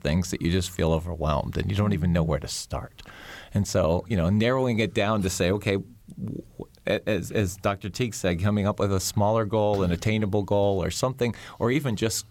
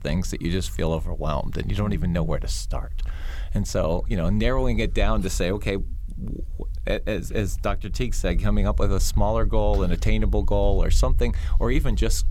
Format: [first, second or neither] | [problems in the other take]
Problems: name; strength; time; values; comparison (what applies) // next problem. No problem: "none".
first | low rumble; faint; throughout; 25 dB below the speech